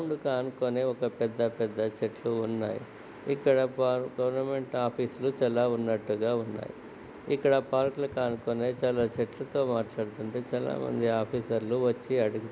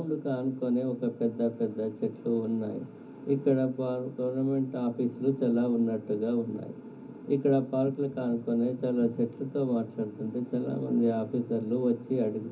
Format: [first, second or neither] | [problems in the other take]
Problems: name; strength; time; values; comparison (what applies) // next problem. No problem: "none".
first | room echo; dies away in 0.3 s